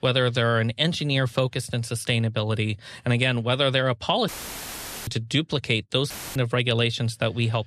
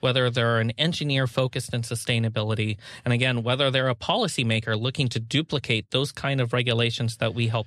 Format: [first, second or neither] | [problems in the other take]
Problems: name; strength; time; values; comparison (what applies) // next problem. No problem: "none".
second | audio cutting out; filled with static; at 4.5 s for 1 s and at 6 s